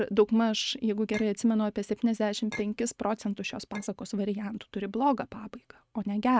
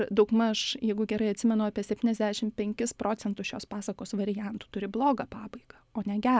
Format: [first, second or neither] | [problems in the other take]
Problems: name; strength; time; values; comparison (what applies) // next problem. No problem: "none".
second | noise reduction (neural mask model RNNoise)